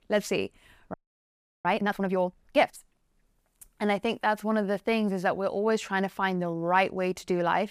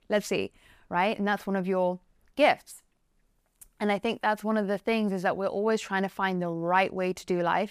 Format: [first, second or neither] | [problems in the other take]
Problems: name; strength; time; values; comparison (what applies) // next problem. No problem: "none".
second | audio freezing; at 1 s for 0.5 s